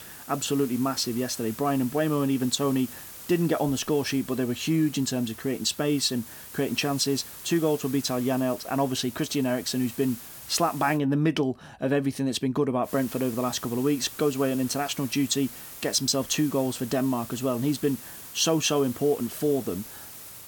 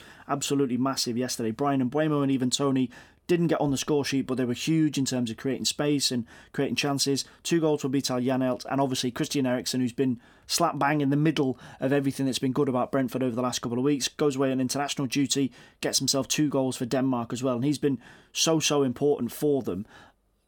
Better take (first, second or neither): second